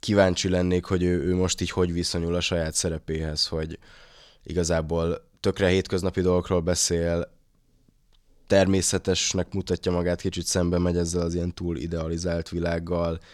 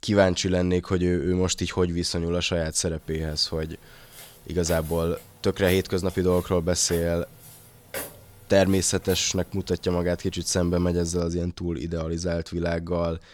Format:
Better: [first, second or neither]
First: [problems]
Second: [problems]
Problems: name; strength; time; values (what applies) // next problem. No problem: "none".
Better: first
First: none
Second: footsteps; noticeable; from 4 to 9.5 s; peak 10 dB below the speech